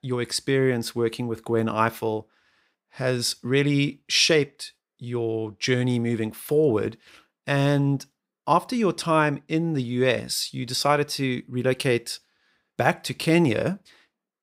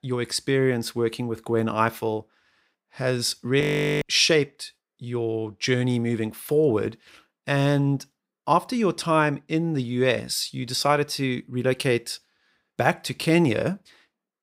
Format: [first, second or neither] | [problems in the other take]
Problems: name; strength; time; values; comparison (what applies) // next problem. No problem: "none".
first | audio freezing; at 3.5 s